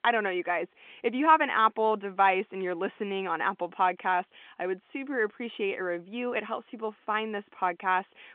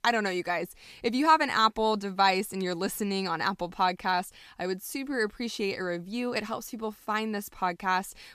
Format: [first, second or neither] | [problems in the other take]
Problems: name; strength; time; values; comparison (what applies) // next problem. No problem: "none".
second | phone-call audio; nothing above 3.5 kHz